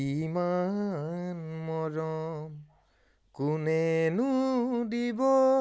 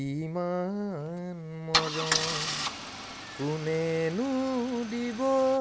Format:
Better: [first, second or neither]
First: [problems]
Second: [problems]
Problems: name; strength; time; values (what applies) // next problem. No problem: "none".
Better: first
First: none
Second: background sound (Idling / Engine starting / Car); 5 dB below the speech